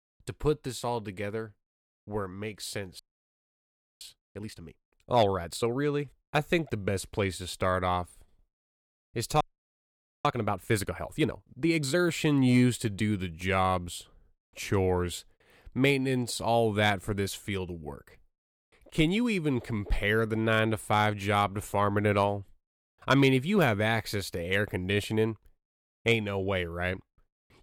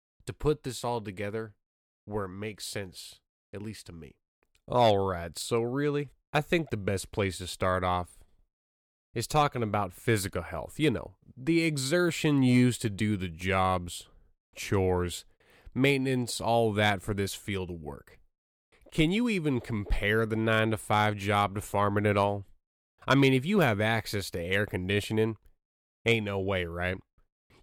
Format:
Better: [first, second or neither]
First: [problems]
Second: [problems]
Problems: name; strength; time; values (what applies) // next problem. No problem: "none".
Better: second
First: audio freezing; at 3 s for 1 s and at 9.5 s for 1 s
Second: none